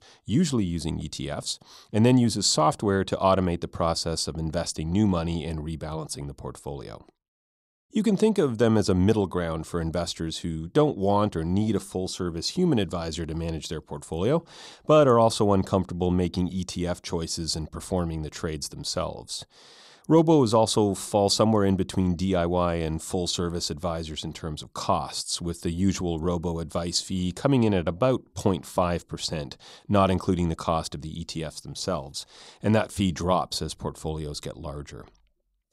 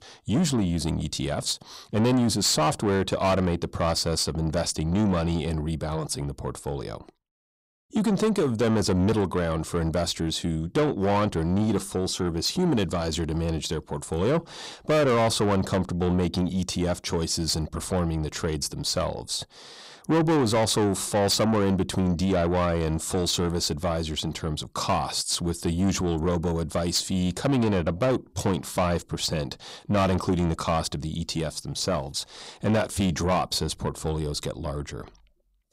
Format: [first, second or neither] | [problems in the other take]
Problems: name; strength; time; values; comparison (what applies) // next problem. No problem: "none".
first | distortion; heavy; 8 dB below the speech